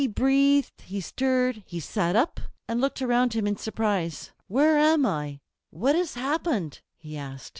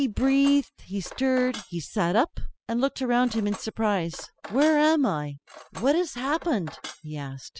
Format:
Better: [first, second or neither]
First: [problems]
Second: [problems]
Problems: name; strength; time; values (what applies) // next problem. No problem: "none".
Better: first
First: none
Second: noise reduction (classical method spectral subtraction)